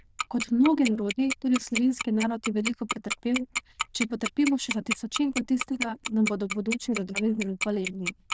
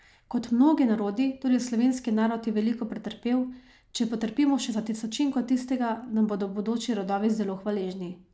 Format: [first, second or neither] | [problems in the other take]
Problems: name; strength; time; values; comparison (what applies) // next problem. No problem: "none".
second | noise reduction (neural diffusion model UNIVERSE++)